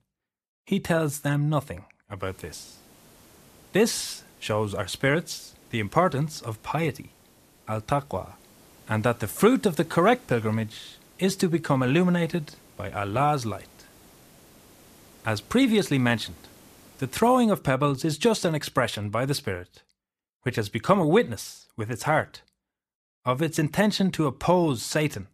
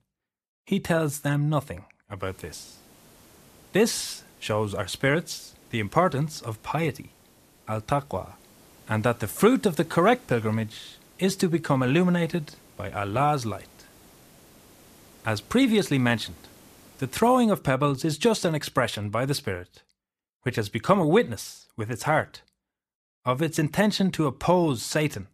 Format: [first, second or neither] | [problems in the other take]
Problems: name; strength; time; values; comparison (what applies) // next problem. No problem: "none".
neither | hiss; faint; from 2 to 17 s; 25 dB below the speech; the same in both